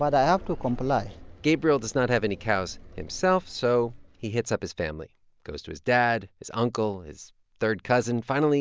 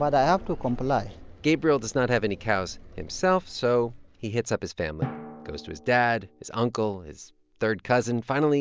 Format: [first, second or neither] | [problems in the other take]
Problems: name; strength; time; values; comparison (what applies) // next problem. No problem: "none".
first | background sound (Drum); 19 dB below the speech